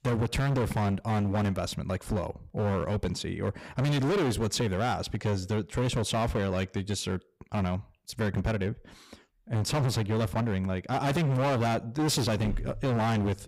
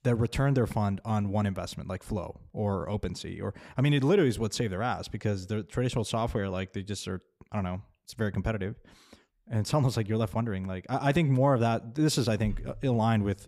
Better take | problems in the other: second | distortion; heavy; 22% of the sound clipped

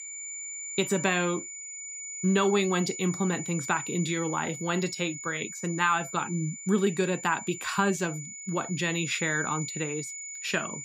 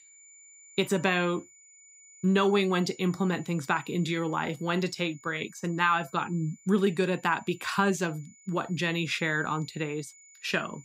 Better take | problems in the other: second | high-pitched whine; loud; throughout; 7 kHz, 8 dB below the speech; faint in the second

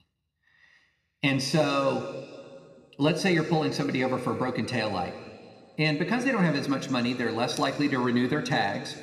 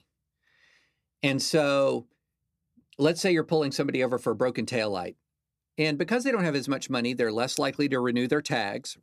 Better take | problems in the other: second | room echo; slight; dies away in 2.1 s

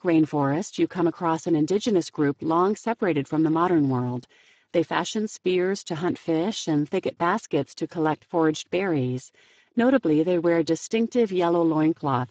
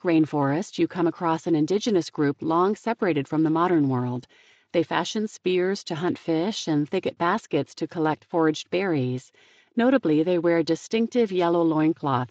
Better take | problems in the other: second | garbled, watery; badly; nothing above 7.5 kHz; slightly in the second

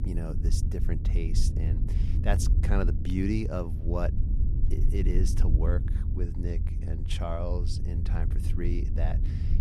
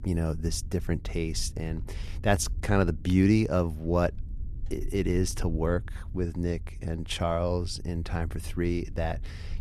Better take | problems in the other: second | low rumble; loud; throughout; 7 dB below the speech; faint in the second

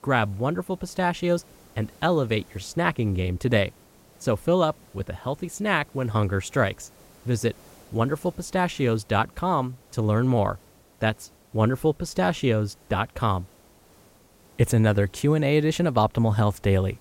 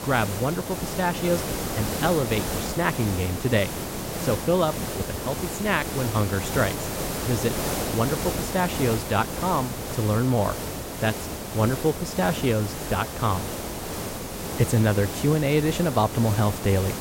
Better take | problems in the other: first | hiss; loud; throughout; 5 dB below the speech; faint in the first

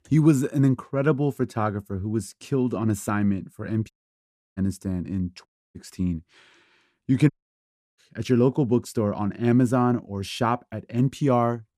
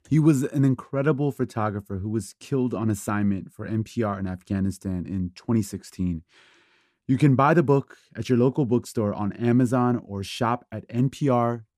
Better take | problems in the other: second | audio cutting out; at 4 s for 0.5 s, at 5.5 s and at 7.5 s for 0.5 s

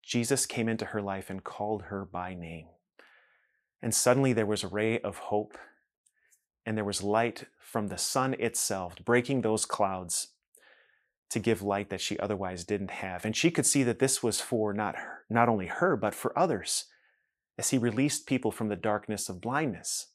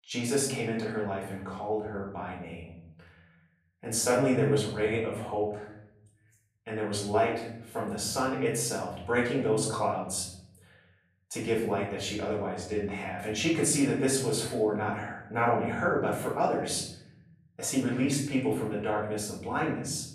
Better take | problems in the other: first | off-mic speech; far // room echo; noticeable; dies away in 1 s

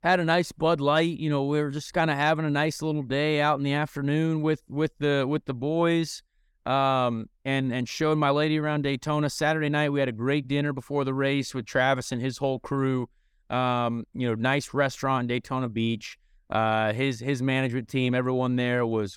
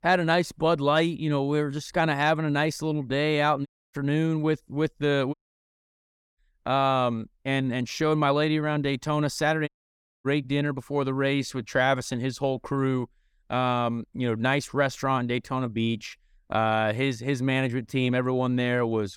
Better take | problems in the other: first | audio cutting out; at 3.5 s, at 5.5 s for 1 s and at 9.5 s for 0.5 s

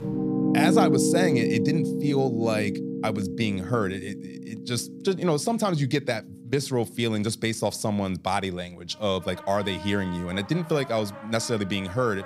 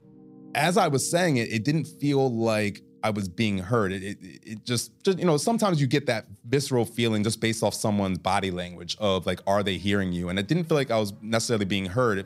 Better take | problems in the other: second | background music; loud; throughout; 1 dB below the speech; faint in the second

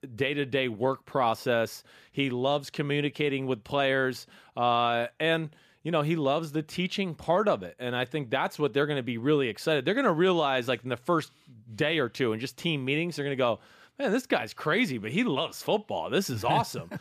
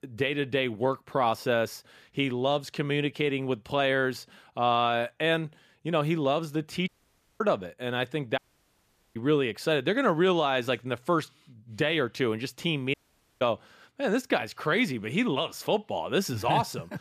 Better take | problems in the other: first | audio cutting out; at 7 s for 0.5 s, at 8.5 s for 1 s and at 13 s

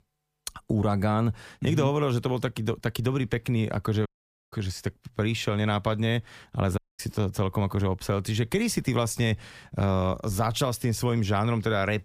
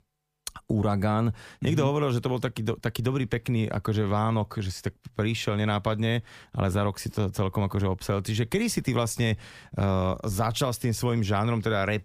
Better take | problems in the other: second | audio cutting out; at 4 s and at 7 s

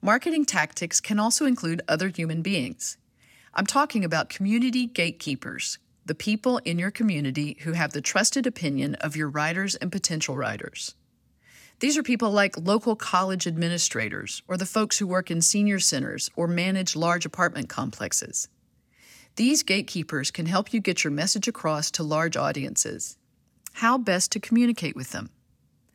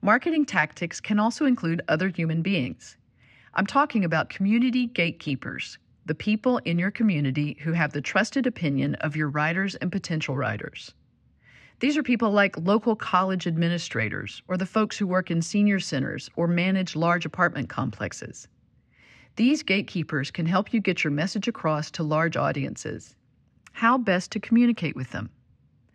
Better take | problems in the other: first | muffled; slightly; fading above 2.5 kHz

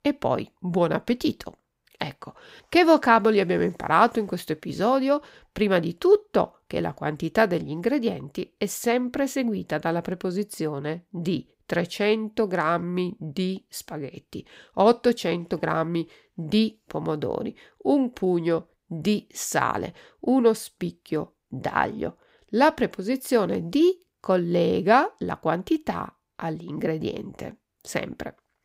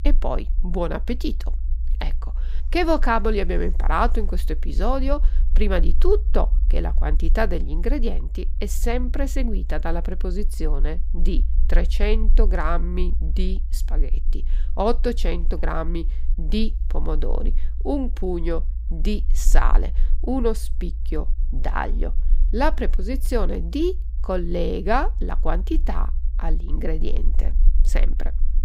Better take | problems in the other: first | low rumble; faint; throughout; 20 dB below the speech

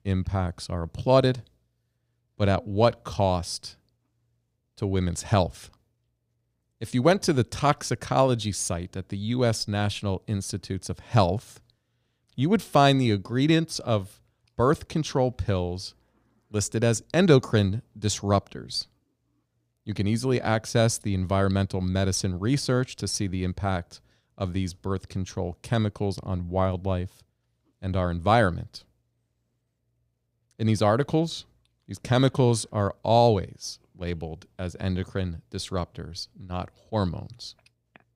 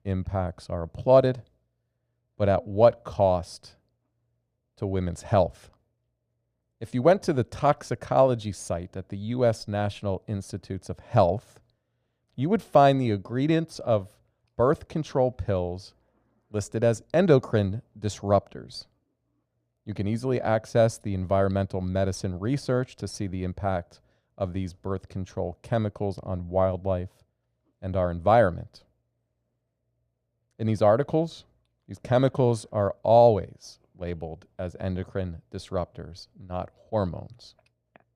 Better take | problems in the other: first | muffled; slightly; fading above 2.5 kHz

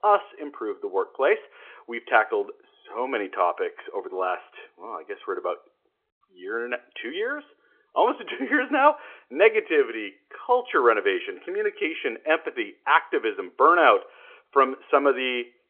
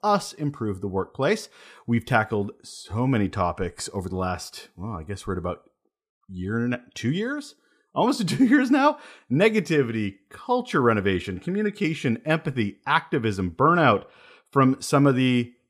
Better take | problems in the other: second | phone-call audio; nothing above 3 kHz

